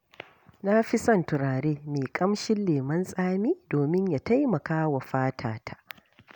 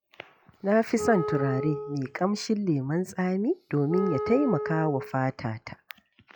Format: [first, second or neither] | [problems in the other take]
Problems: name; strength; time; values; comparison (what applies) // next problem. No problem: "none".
first | noise reduction (classical method log-MMSE)